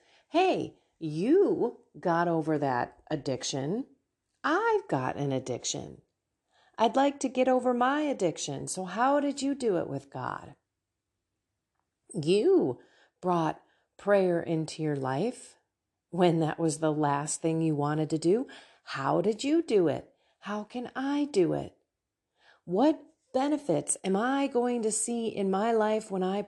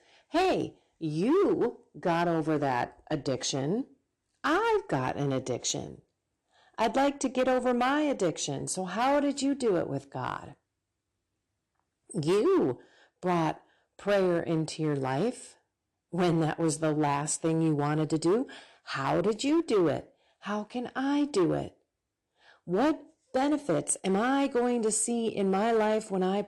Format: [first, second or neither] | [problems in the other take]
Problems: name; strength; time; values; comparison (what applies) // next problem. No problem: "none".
first | distortion; slight; 7% of the sound clipped